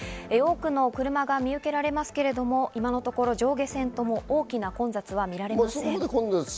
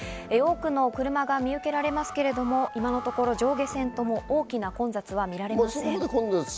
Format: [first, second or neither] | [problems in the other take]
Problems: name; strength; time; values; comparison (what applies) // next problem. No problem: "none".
first | background sound (Alarm + Wind instrument, woodwind instrument); 15 dB below the speech